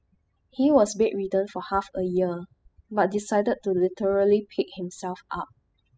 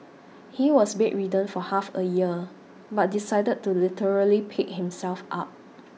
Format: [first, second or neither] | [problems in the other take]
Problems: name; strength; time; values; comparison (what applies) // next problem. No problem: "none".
second | noise reduction (classical method spectral subtraction)